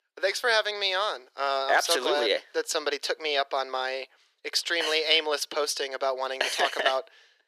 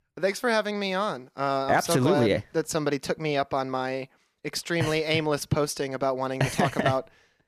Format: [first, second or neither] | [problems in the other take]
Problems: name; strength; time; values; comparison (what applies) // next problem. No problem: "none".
second | thin; very; fading below 400 Hz